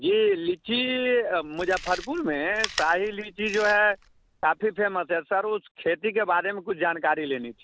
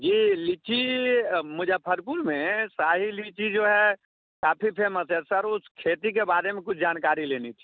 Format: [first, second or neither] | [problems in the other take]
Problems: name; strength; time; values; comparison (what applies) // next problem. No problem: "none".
second | background sound (Chewing, mastication); 17 dB below the speech